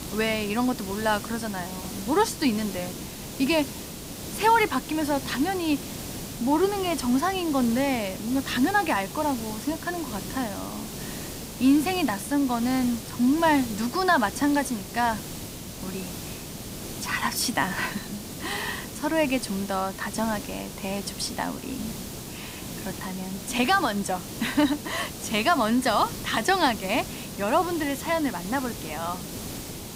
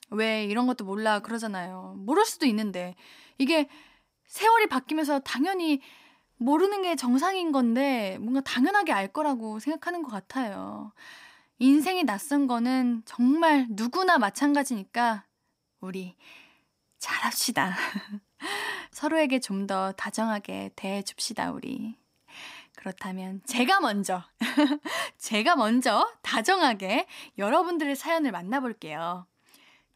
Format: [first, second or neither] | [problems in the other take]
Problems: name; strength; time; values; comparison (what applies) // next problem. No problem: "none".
second | hiss; loud; throughout; 10 dB below the speech